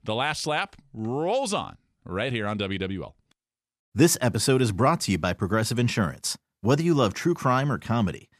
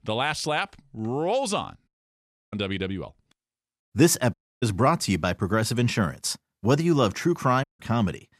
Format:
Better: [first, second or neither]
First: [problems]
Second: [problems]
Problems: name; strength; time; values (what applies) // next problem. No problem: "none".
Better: first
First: none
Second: audio cutting out; at 2 s for 0.5 s, at 4.5 s and at 7.5 s